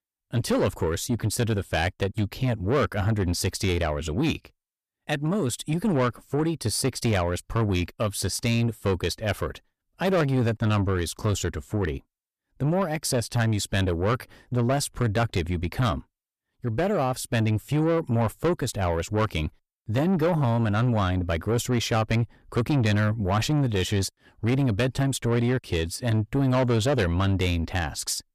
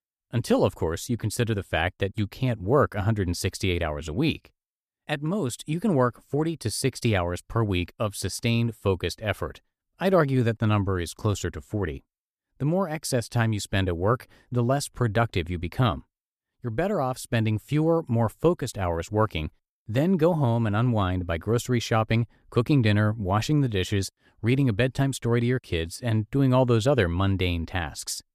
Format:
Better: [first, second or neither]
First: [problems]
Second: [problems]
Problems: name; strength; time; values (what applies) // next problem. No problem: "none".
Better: second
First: distortion; slight; 10 dB below the speech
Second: none